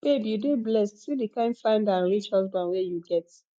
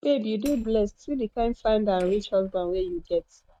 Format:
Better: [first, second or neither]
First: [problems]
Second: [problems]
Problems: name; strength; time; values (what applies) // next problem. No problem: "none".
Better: first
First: none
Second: noise reduction (neural mask model RNNoise)